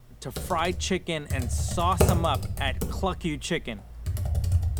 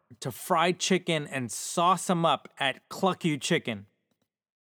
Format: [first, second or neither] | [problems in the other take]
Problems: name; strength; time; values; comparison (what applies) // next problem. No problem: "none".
second | keyboard typing; loud; peak 6 dB above the speech